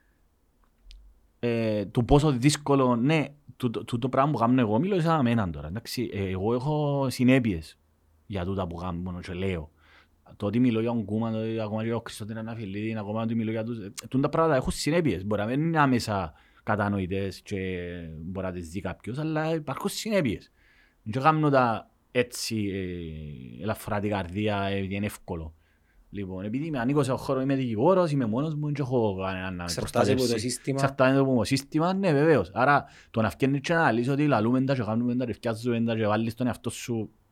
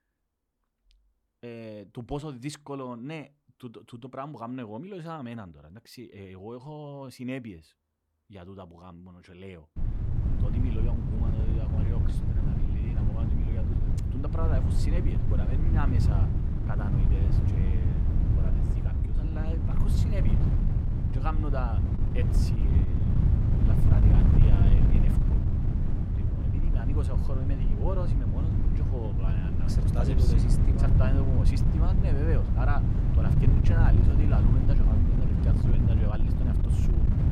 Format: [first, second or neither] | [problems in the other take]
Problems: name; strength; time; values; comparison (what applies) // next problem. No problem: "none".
first | wind noise on the microphone; heavy; from 10 s on; 2 dB above the speech